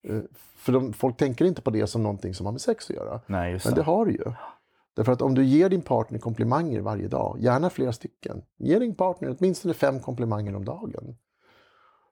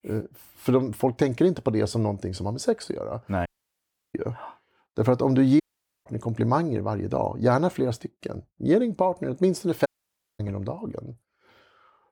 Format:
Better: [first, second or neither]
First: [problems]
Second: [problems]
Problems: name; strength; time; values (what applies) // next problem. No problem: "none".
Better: first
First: none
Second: audio cutting out; at 3.5 s for 0.5 s, at 5.5 s and at 10 s for 0.5 s